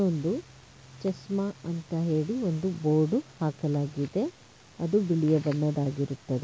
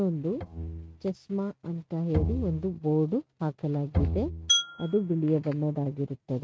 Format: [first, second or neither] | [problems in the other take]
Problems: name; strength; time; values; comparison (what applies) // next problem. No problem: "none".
first | noise reduction (neural mask model RNNoise)